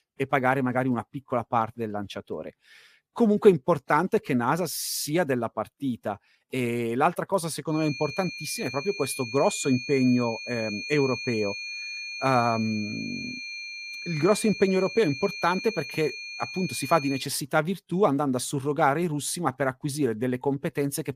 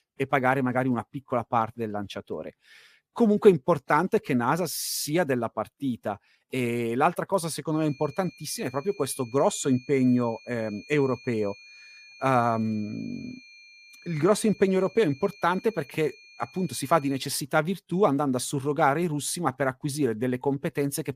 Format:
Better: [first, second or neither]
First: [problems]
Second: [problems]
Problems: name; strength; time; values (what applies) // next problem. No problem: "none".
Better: second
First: high-pitched whine; loud; from 8 to 17 s; 2.5 kHz, 8 dB below the speech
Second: high-pitched whine; faint; from 8 to 17 s; 2.5 kHz, 20 dB below the speech